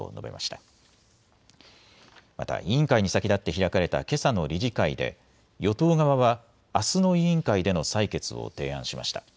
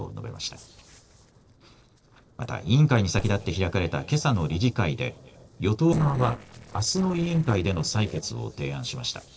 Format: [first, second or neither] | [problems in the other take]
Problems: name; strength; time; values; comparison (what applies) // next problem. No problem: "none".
first | noise reduction (neural separator model SepFormer DNS4)